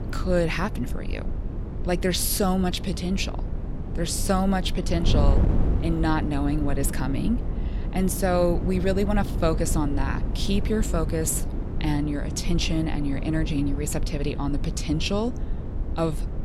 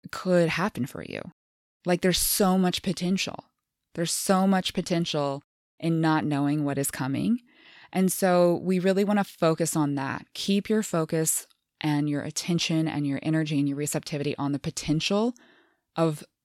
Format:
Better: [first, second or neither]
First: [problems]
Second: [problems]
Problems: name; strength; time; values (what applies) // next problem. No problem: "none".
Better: second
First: wind noise on the microphone; occasional gusts; 10 dB below the speech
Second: none